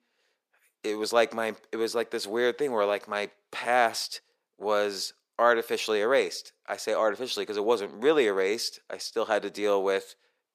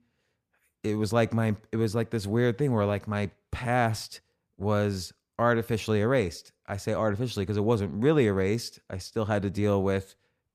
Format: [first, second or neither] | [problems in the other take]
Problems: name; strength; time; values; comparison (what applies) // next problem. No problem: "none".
second | thin; very; fading below 400 Hz